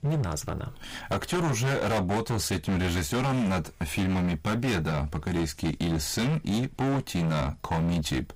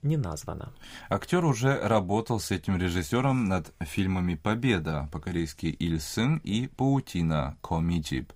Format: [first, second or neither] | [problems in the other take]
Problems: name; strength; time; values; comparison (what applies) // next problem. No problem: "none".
second | distortion; heavy; 27% of the sound clipped